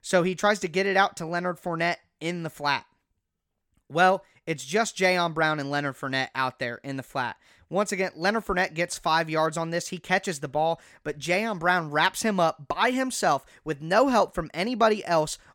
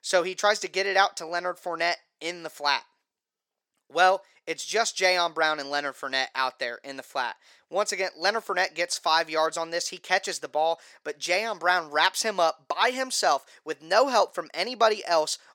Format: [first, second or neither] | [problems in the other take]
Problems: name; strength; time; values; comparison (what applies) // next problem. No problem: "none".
first | thin; somewhat; fading below 500 Hz